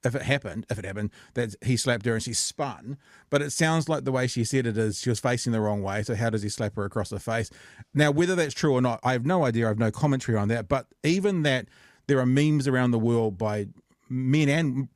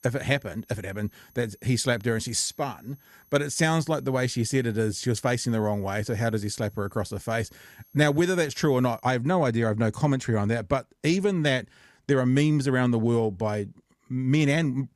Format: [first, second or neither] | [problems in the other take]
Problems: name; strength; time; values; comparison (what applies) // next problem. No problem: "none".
first | high-pitched whine; faint; until 9 s; 11.5 kHz, 30 dB below the speech